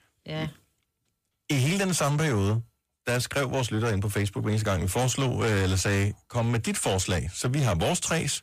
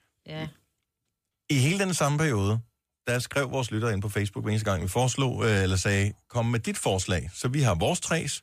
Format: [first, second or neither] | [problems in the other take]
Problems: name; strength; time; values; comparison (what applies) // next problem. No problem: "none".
second | distortion; slight; 10 dB below the speech